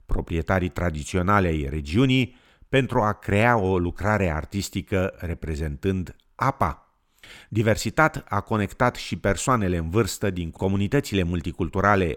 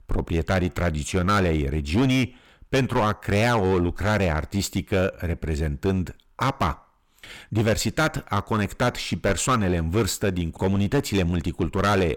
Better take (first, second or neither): first